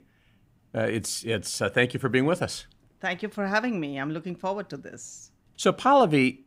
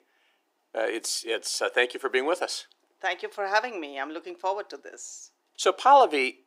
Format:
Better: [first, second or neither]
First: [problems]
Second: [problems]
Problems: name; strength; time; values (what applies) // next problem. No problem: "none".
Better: first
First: none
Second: thin; very; fading below 350 Hz